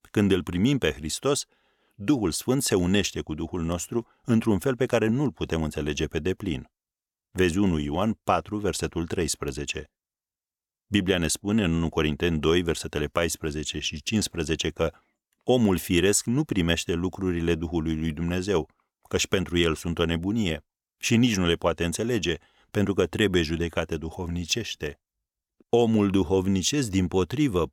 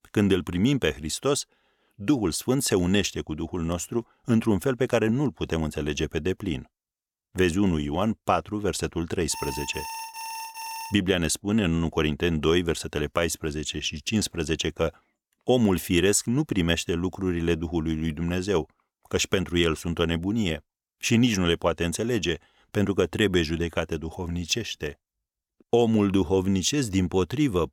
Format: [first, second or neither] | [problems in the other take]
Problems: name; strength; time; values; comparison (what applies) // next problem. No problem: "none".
first | alarm; noticeable; from 9.5 to 11 s; peak 9 dB below the speech